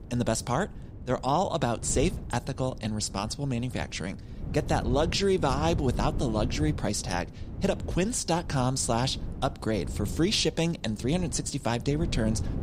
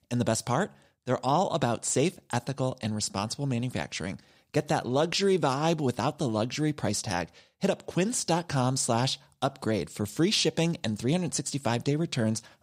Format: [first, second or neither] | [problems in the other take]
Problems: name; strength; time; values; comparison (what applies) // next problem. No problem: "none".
second | wind noise on the microphone; occasional gusts; 15 dB below the speech